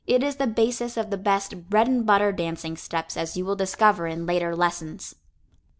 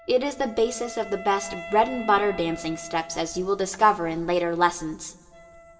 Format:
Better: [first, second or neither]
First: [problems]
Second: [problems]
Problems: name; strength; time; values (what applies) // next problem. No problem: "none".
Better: first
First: none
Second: background sound (Wind instrument, woodwind instrument); 17 dB below the speech // room echo; dies away in 1.4 s